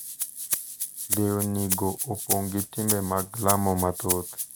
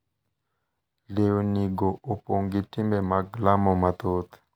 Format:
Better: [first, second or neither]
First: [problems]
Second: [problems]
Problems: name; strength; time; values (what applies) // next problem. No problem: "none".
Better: second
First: background sound (Rattle (instrument)); 3 dB below the speech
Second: none